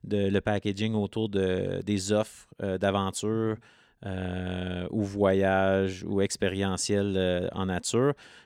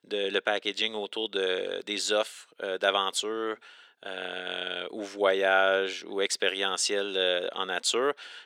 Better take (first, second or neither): first